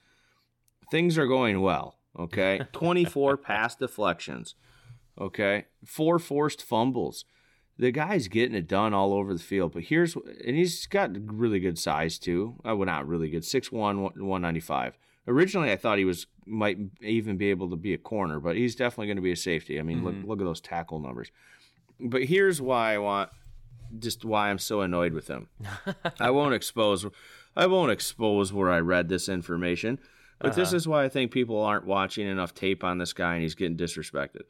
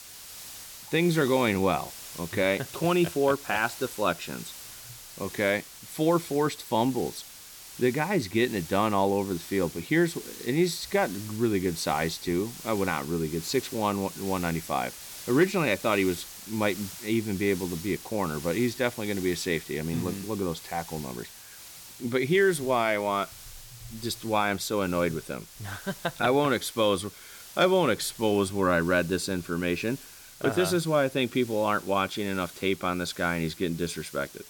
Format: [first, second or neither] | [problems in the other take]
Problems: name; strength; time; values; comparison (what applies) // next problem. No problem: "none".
first | hiss; noticeable; throughout; 15 dB below the speech